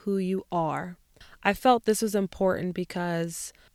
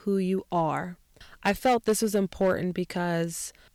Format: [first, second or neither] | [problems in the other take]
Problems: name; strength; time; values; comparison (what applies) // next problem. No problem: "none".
first | distortion; slight; 2% of the sound clipped